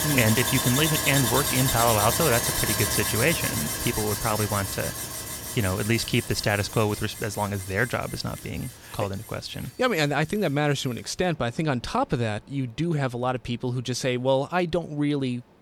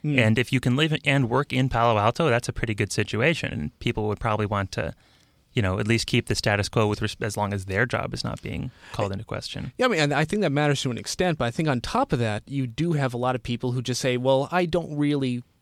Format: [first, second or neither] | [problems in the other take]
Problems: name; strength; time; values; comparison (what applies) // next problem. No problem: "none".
second | machinery noise; loud; throughout; 1 dB below the speech